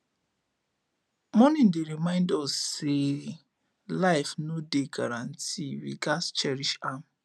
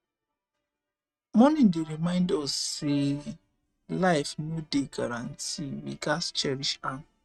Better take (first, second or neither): first